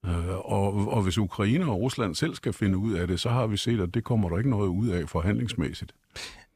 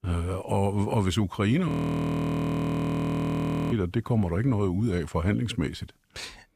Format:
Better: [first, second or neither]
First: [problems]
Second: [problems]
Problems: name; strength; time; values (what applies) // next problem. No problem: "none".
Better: first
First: none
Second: audio freezing; at 1.5 s for 2 s